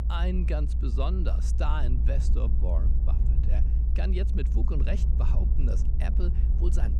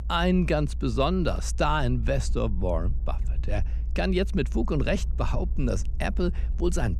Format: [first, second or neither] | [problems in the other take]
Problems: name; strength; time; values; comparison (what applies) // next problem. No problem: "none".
second | low rumble; loud; throughout; 6 dB below the speech; faint in the second